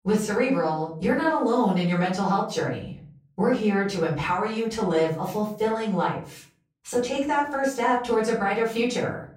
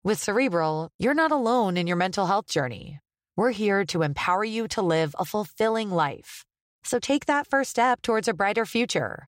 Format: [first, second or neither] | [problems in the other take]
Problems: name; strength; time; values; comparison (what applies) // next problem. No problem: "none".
second | off-mic speech; far // room echo; noticeable; dies away in 0.4 s